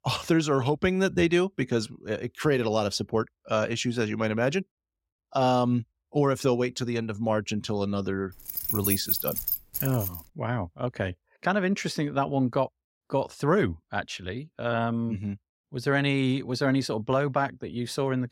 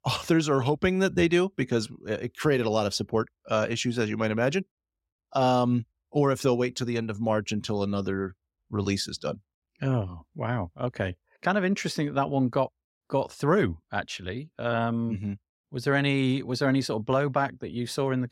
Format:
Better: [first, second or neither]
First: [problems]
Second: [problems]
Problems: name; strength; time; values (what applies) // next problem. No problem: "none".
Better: second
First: jangling keys; loud; from 8.5 to 10 s; peak 2 dB above the speech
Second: none